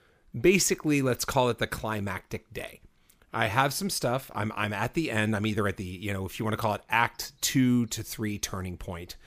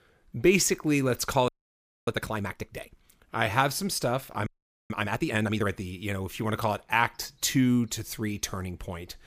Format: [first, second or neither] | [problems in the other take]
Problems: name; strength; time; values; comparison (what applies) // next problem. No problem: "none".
first | audio freezing; at 1.5 s for 0.5 s and at 4.5 s